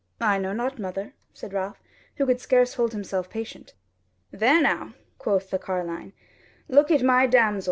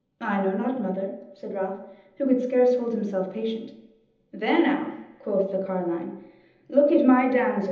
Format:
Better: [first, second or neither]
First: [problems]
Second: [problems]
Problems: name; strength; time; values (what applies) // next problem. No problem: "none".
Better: first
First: none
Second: room echo; dies away in 0.9 s